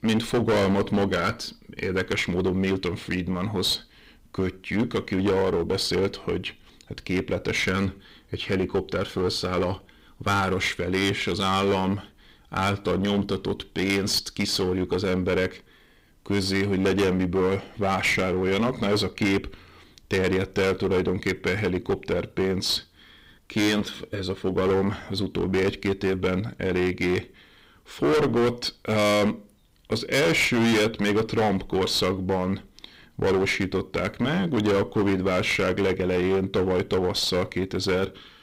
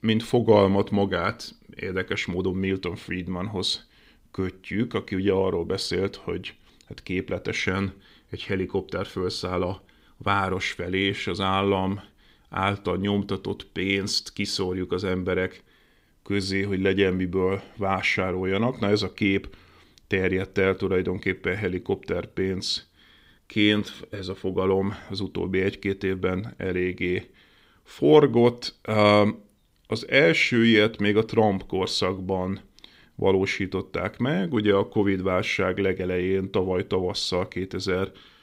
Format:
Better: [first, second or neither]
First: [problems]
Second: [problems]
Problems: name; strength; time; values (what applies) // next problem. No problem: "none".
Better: second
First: distortion; heavy; 15% of the sound clipped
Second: none